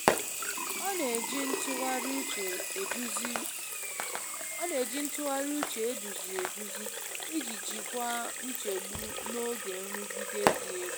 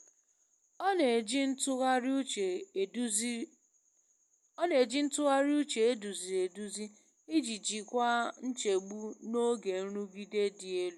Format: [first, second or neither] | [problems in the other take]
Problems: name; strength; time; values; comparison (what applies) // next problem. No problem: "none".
second | background sound (Fireworks + Sink (filling or washing) / Water tap, faucet); 3 dB above the speech